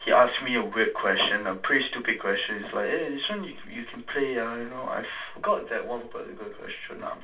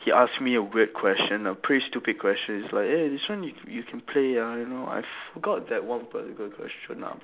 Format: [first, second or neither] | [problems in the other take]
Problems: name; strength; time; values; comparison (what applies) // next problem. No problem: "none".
second | room echo; dies away in 0.2 s